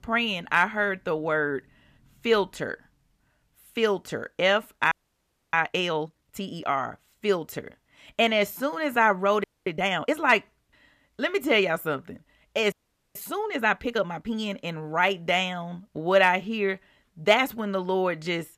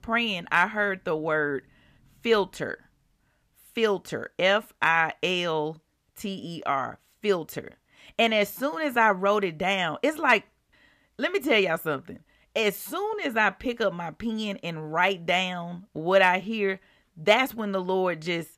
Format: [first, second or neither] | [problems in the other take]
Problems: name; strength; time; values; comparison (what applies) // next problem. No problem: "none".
second | audio freezing; at 5 s for 0.5 s, at 9.5 s and at 13 s